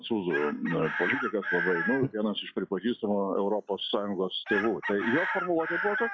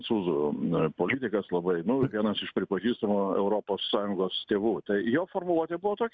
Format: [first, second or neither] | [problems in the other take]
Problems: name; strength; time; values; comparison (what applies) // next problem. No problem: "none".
second | noise reduction (classical method log-MMSE)